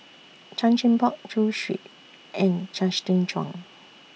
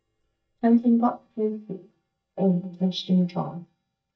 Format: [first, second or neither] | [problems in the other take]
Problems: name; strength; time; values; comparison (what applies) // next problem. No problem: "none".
first | noise reduction (neural mask model DeepFilterNet 3)